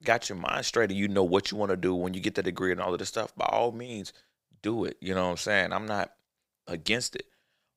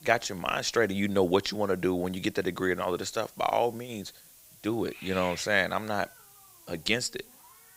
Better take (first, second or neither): first